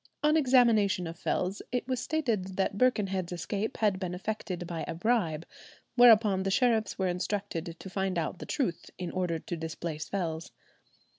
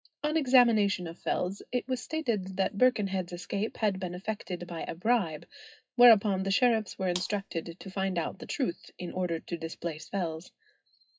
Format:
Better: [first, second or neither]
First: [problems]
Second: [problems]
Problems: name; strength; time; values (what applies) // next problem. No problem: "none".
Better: first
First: none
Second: noise reduction (classical method WPE with log-MMSE)